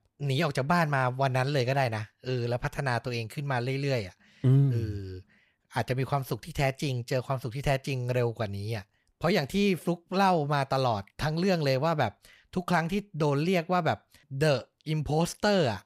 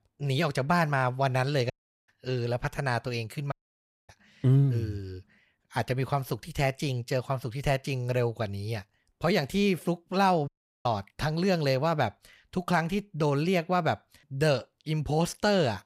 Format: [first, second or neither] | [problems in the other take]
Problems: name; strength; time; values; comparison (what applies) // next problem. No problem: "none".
first | audio cutting out; at 1.5 s, at 3.5 s for 0.5 s and at 10 s